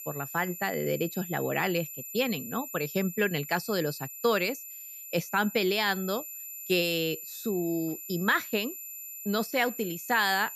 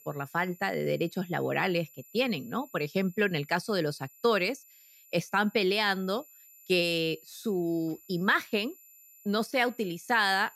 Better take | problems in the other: second | high-pitched whine; loud; throughout; 12 kHz, 10 dB below the speech; faint in the second

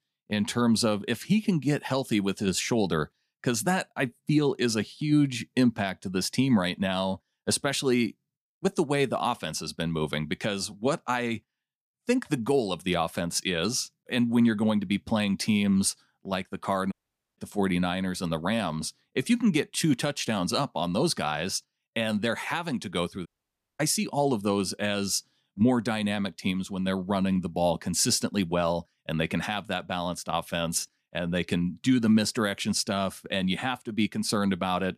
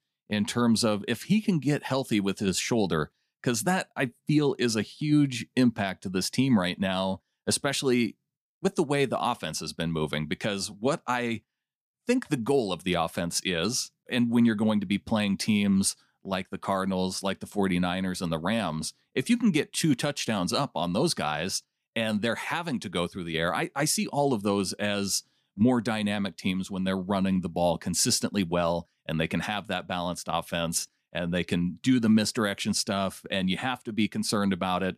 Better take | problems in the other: second | audio cutting out; at 17 s and at 23 s for 0.5 s

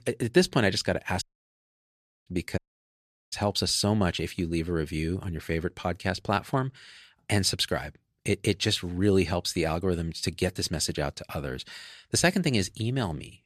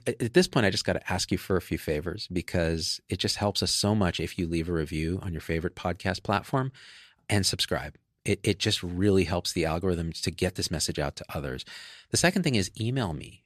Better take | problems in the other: second | audio cutting out; at 1 s for 1 s and at 2.5 s for 0.5 s

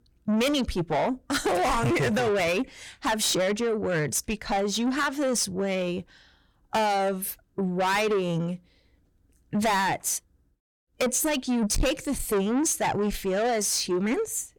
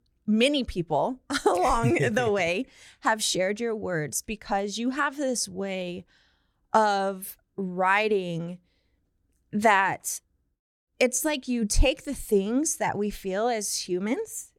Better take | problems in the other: second | distortion; heavy; 6 dB below the speech

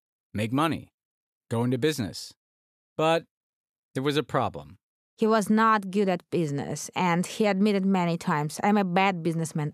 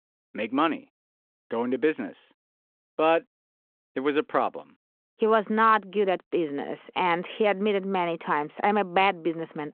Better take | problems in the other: first | phone-call audio

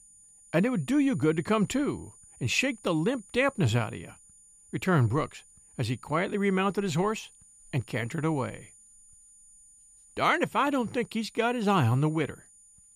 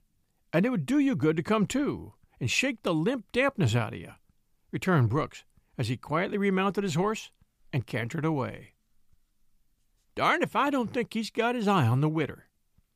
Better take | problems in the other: second | high-pitched whine; faint; throughout; 9 kHz, 25 dB below the speech

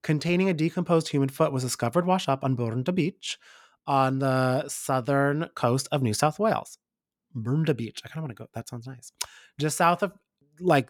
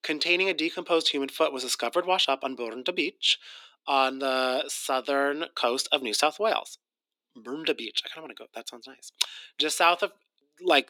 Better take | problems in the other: first | thin; somewhat; fading below 300 Hz

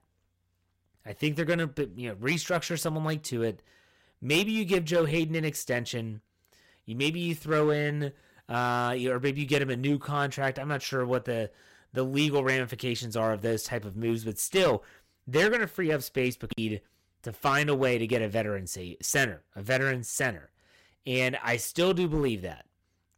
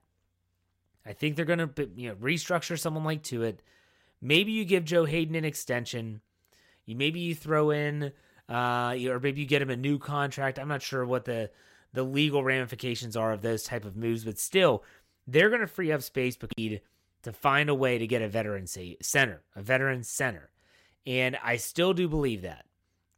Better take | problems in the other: second | distortion; slight; 4% of the sound clipped

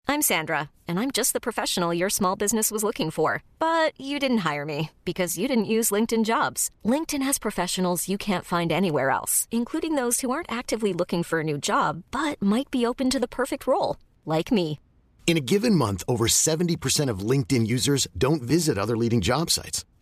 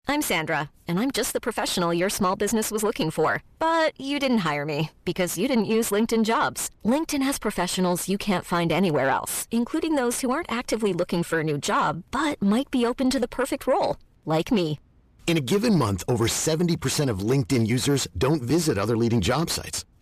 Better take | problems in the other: first | distortion; slight; 10 dB below the speech

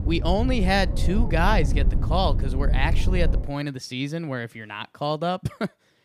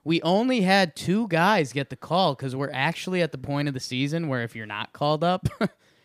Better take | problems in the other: second | low rumble; noticeable; until 3.5 s; 10 dB below the speech

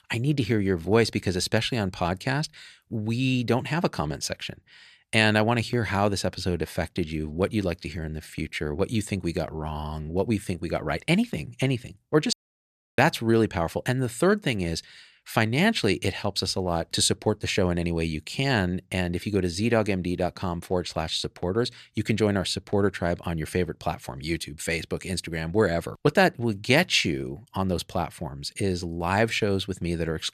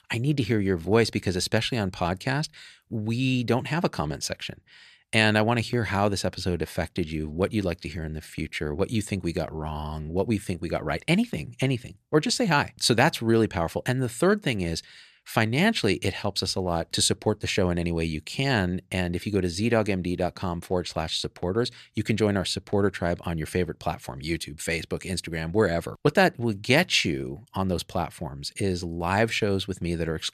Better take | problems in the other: second | audio cutting out; at 12 s for 0.5 s

